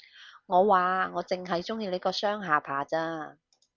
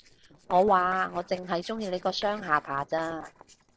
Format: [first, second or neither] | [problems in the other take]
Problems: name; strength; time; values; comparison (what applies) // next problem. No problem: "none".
first | noise reduction (neural separator model SepFormer DNS4)